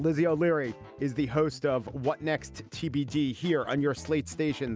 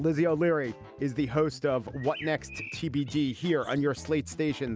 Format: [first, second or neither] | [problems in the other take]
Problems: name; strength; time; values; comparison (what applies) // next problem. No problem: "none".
first | background sound (Bird); 17 dB below the speech